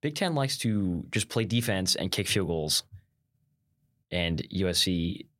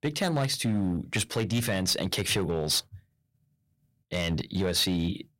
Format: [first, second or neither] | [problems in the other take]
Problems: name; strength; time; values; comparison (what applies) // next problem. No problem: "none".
first | distortion; slight; 6% of the sound clipped